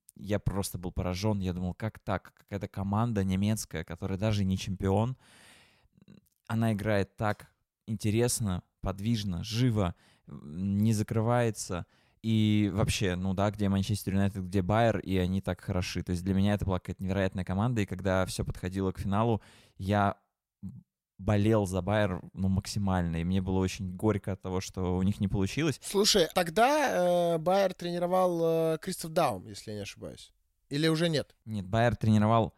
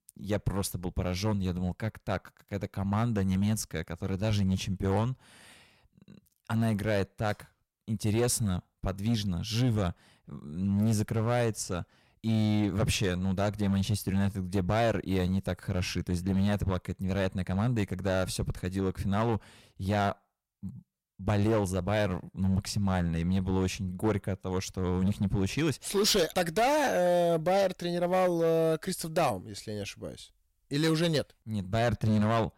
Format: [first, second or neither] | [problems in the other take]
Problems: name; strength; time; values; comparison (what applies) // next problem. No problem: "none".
first | distortion; slight; 7% of the sound clipped